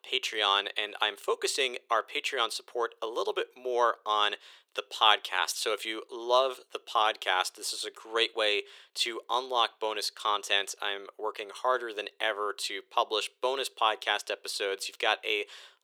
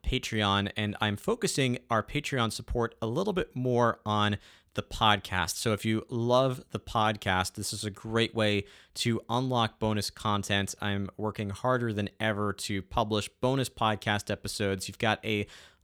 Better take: second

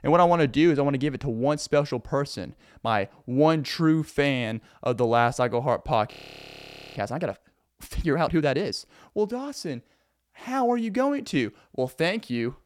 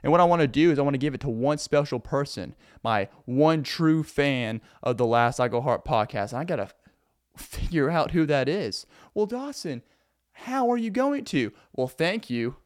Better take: second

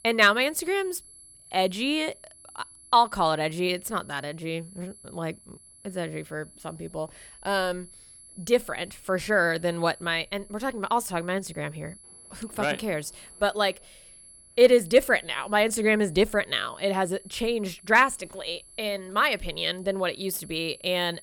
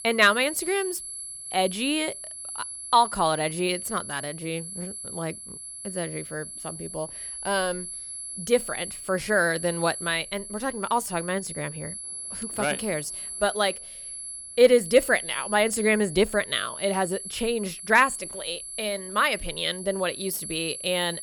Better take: first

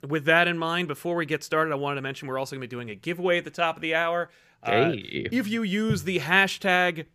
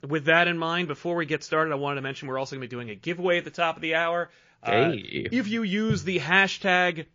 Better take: first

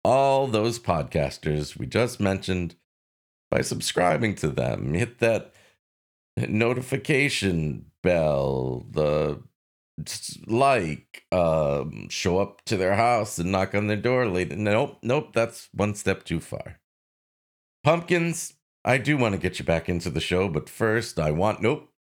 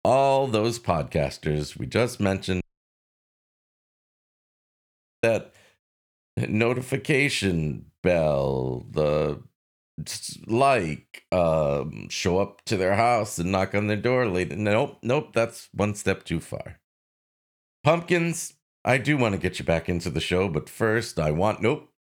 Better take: first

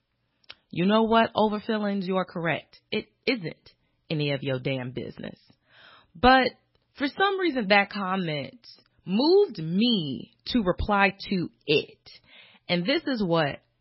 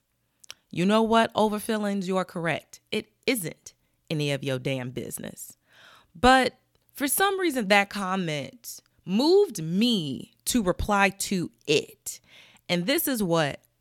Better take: second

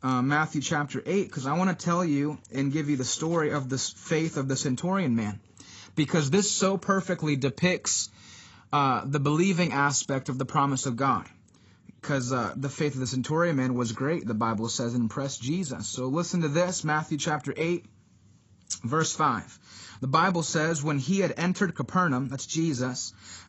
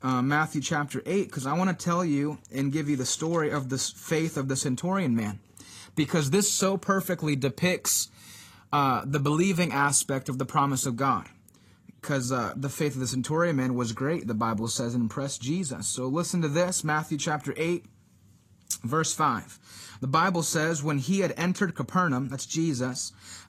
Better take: second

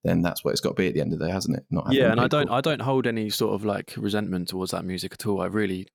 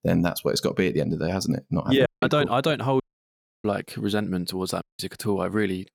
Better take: first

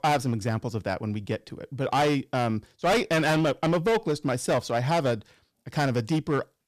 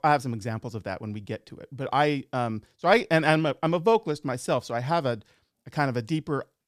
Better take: second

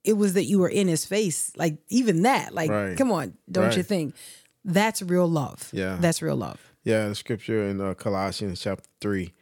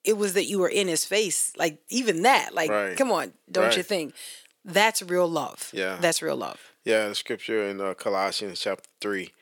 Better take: first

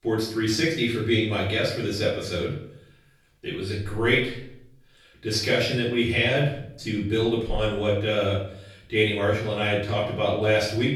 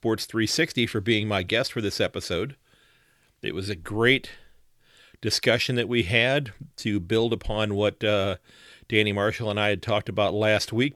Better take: second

